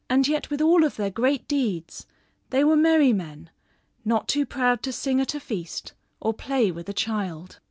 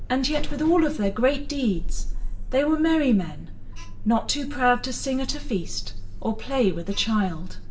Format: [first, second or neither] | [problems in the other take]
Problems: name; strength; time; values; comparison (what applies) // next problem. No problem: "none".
first | background sound (Alarm); 4 dB below the speech // room echo; dies away in 0.5 s